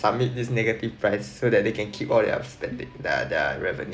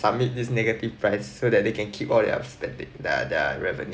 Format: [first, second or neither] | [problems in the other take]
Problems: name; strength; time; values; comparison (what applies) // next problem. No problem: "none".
second | background sound (Organ); 19 dB below the speech